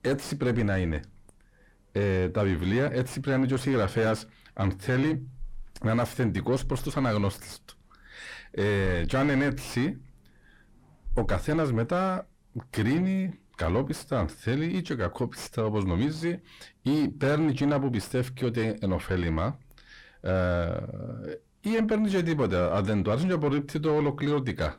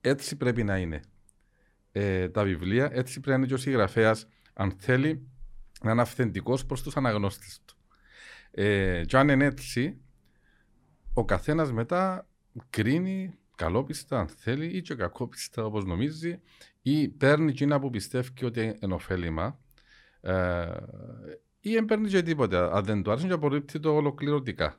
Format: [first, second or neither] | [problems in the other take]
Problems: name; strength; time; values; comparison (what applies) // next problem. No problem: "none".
second | distortion; heavy; 7 dB below the speech